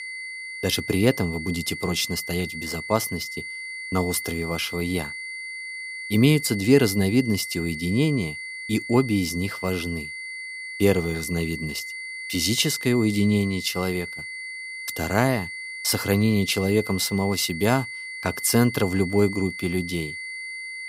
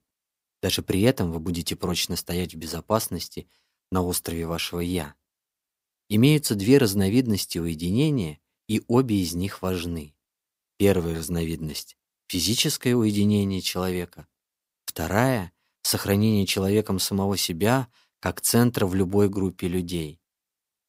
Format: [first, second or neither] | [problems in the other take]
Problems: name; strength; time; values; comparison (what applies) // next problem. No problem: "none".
second | high-pitched whine; loud; throughout; 2 kHz, 9 dB below the speech